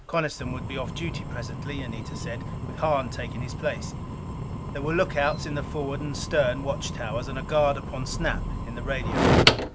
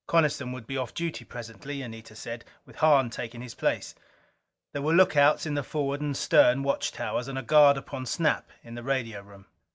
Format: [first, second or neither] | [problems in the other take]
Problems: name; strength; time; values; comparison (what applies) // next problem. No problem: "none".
second | background sound (Fire); 1 dB above the speech